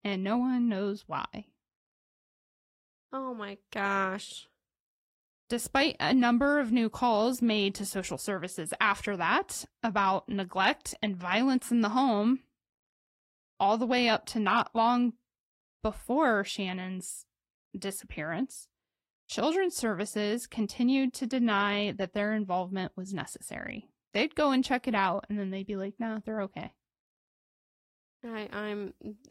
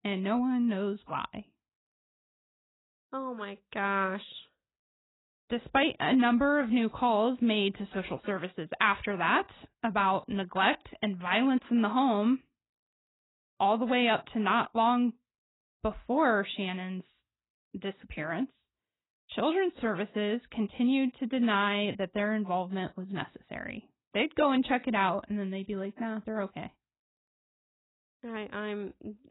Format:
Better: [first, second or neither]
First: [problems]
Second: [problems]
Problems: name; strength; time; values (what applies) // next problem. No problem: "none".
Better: first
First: garbled, watery; slightly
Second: garbled, watery; badly; nothing above 4 kHz